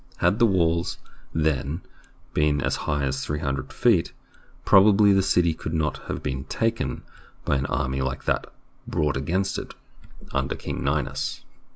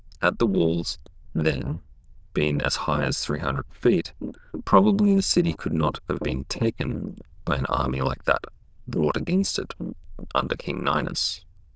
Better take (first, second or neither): first